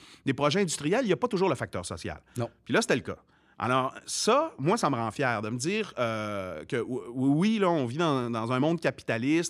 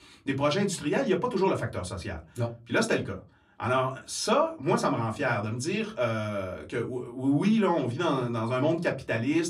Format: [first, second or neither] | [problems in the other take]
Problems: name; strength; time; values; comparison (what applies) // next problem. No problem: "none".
first | off-mic speech; somewhat distant // room echo; very slight; dies away in 0.2 s